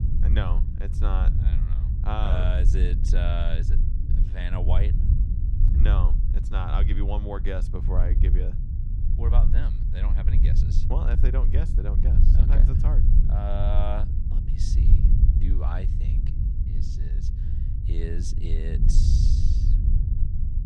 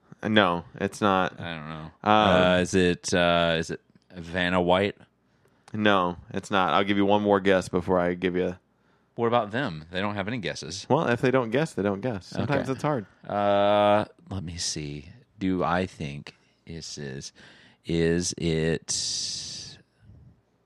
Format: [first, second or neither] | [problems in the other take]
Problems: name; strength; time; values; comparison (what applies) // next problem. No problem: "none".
second | low rumble; loud; throughout; 5 dB below the speech